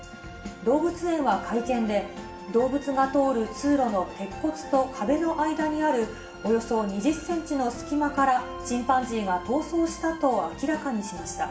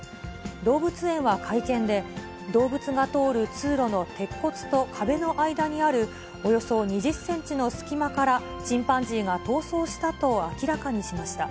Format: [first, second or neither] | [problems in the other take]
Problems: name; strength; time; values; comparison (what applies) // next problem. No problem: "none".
second | room echo; dies away in 0.7 s